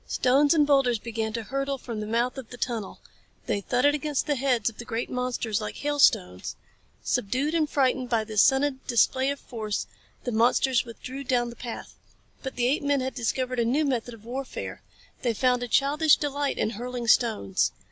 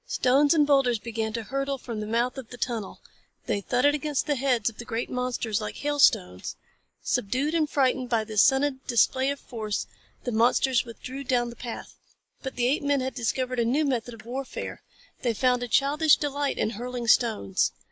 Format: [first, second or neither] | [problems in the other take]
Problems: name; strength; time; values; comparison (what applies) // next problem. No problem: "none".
first | noise reduction (neural mask model Resemble Enhance denoiser)